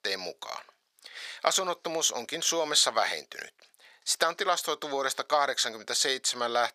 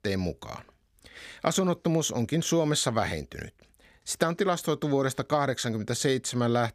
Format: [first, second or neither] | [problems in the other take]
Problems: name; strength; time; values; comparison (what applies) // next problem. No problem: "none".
second | thin; very; fading below 750 Hz